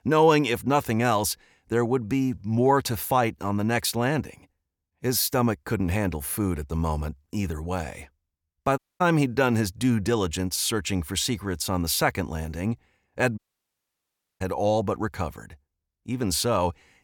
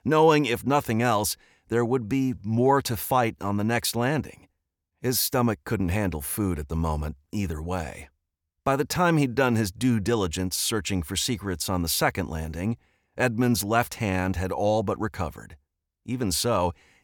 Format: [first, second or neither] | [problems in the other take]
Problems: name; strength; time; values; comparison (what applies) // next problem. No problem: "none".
second | audio cutting out; at 9 s and at 13 s for 1 s